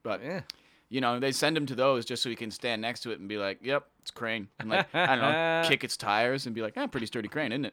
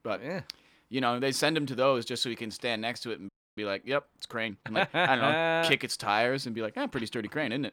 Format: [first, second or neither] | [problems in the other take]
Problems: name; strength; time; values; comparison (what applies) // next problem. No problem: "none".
first | audio freezing; at 3.5 s